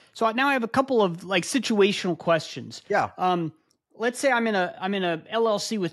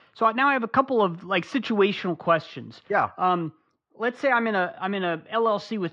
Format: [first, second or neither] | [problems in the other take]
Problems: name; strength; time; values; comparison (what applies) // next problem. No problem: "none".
first | muffled; slightly; fading above 3.5 kHz